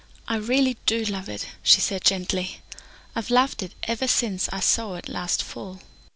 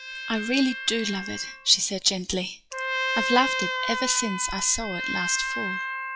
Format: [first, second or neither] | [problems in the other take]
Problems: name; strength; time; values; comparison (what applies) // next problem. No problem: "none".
first | noise reduction (classical method log-MMSE)